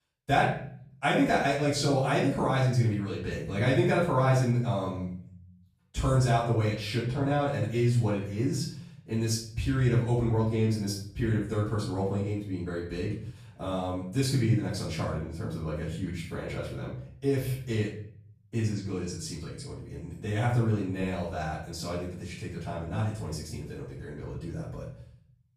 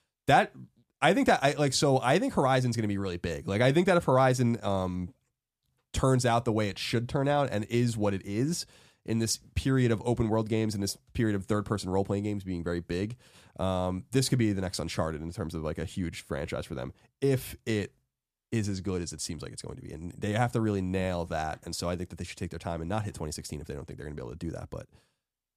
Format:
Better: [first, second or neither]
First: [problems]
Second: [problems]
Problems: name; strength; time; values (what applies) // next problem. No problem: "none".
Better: second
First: off-mic speech; far // room echo; noticeable; dies away in 0.6 s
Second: none